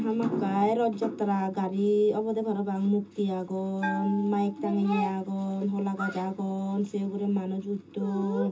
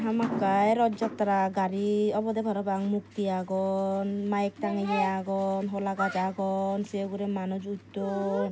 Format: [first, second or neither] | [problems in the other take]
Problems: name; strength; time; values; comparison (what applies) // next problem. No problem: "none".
second | background sound (Bell); 18 dB below the speech // room echo; dies away in 0.2 s